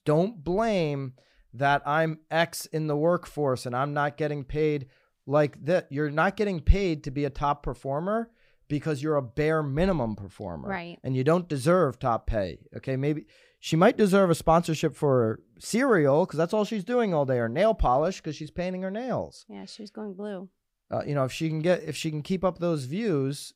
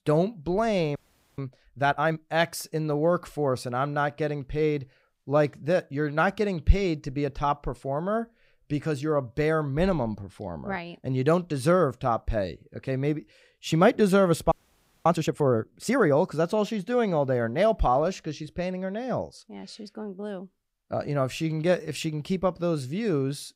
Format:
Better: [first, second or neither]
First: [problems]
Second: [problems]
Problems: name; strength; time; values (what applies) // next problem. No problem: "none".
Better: first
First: none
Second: audio freezing; at 1 s and at 15 s for 0.5 s